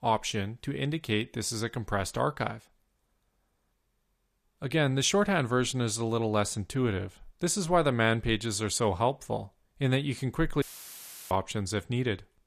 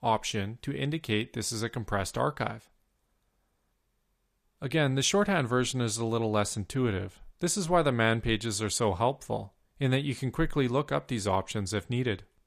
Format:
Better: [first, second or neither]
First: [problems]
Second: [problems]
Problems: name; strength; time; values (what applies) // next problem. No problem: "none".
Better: second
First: audio cutting out; filled with static; at 11 s for 0.5 s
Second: none